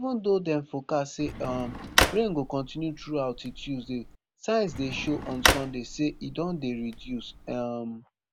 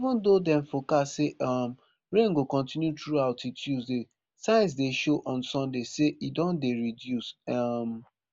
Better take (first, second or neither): second